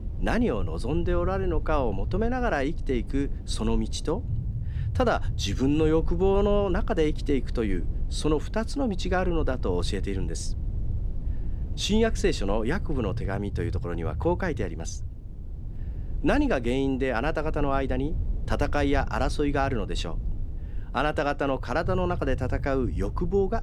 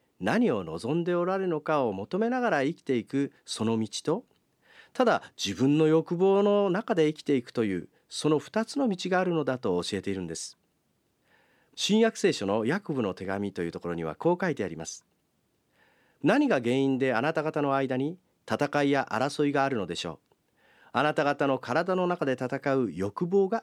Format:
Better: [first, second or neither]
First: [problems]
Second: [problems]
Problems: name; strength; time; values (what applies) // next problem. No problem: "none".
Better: second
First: low rumble; noticeable; throughout; 20 dB below the speech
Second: none